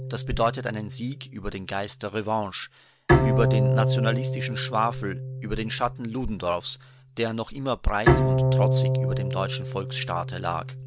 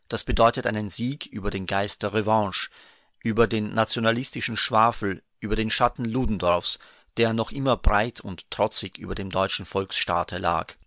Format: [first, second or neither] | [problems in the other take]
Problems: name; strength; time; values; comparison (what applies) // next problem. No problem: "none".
second | background sound (Bowed string instrument); 3 dB above the speech